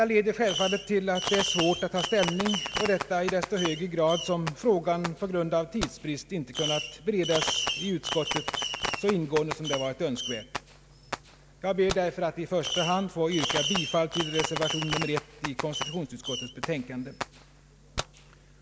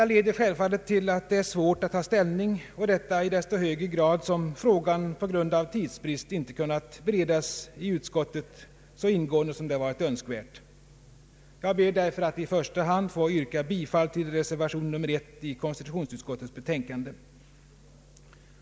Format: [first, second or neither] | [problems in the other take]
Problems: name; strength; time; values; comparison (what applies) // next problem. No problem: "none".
second | background sound (Fireworks); 5 dB below the speech